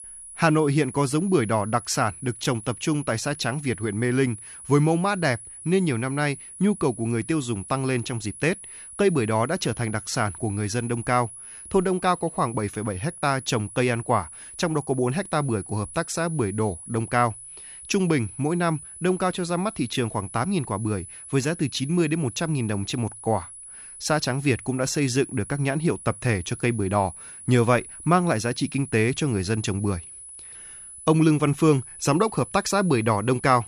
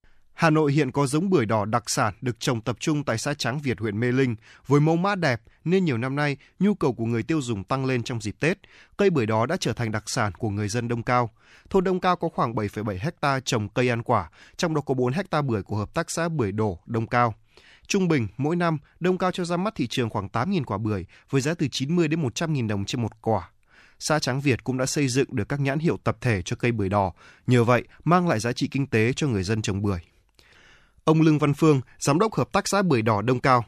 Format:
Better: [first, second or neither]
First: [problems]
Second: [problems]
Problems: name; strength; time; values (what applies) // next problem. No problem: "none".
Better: second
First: high-pitched whine; noticeable; throughout; 10 kHz, 15 dB below the speech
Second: none